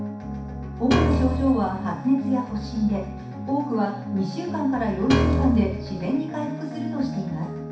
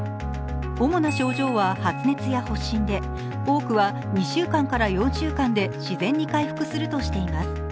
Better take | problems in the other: second | background sound (Piano); as loud as the speech // room echo; dies away in 0.6 s

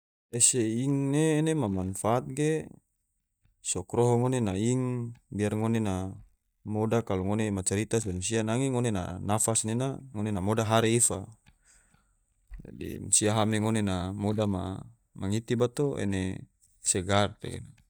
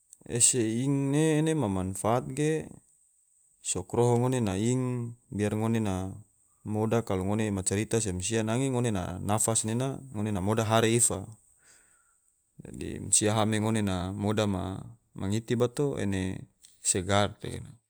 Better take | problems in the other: second | noise reduction (neural mask model DeepFilterNet 3)

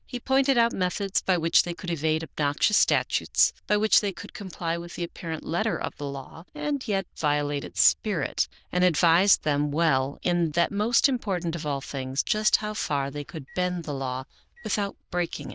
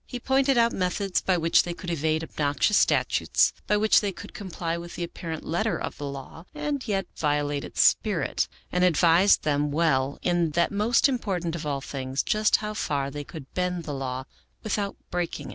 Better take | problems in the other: second | noise reduction (neural diffusion model UNIVERSE++)

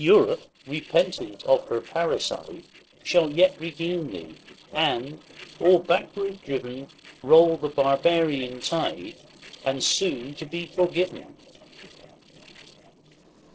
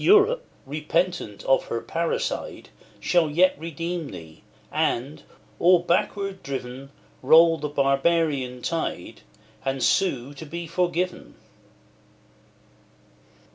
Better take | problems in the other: second | noise reduction (neural separator model SepFormer DNS4)

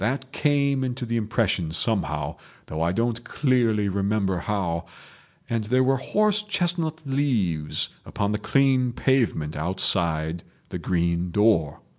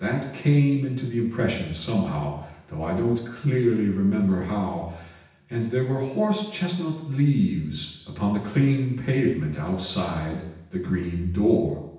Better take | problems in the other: first | room echo; dies away in 0.9 s

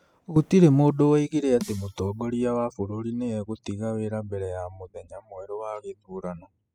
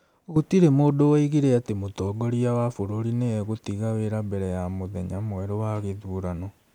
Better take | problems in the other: second | noise reduction (classical method spectral subtraction)

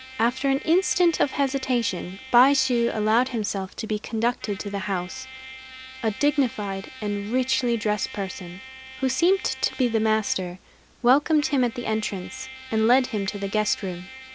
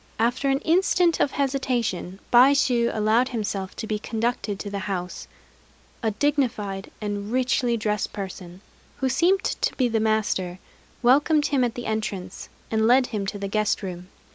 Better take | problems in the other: second | background sound (Trumpet); 17 dB below the speech

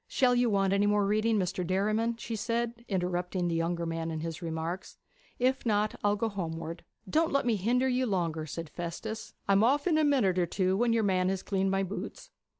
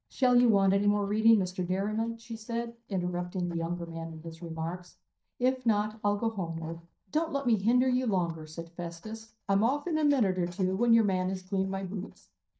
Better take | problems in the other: first | noise reduction (neural mask model DeepFilterNet 3)

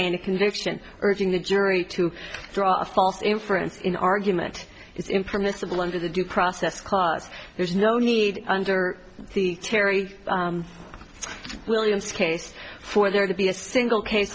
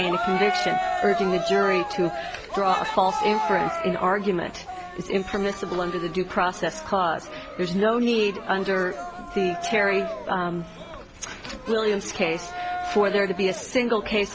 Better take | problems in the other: first | background sound (Cheering); 6 dB below the speech

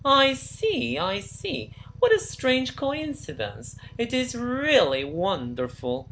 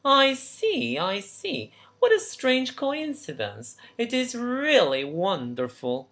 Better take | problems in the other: second | background sound (Idling / Motorcycle); 17 dB below the speech

